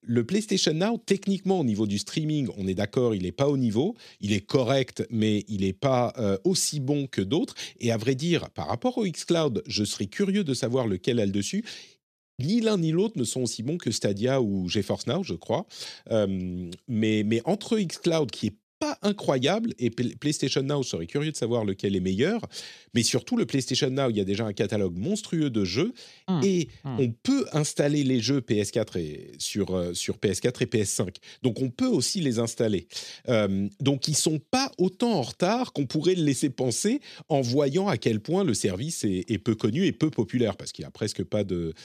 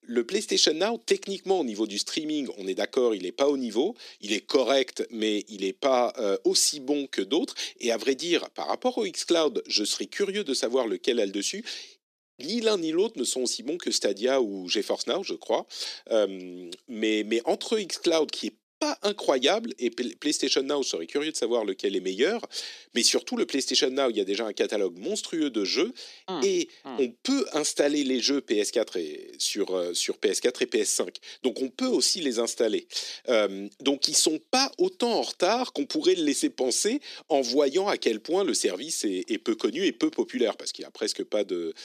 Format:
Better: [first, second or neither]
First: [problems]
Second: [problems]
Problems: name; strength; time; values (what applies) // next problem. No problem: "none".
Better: first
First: none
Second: thin; somewhat; fading below 300 Hz